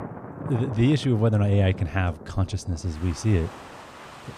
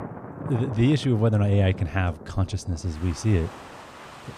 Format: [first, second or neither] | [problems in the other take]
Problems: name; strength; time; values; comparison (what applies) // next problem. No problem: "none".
neither | rain or running water; noticeable; throughout; 15 dB below the speech; the same in both